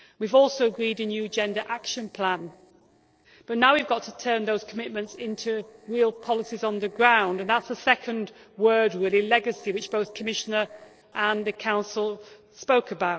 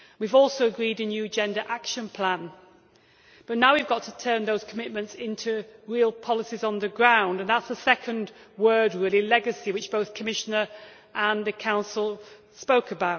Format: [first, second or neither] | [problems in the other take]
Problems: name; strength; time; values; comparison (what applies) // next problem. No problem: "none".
second | noise reduction (neural separator model SepFormer DNS4)